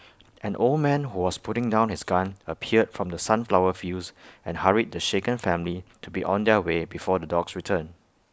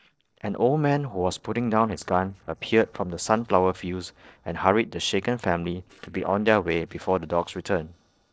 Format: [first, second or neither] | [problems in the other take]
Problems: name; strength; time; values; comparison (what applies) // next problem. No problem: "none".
first | noise reduction (neural separator model SepFormer DNS4)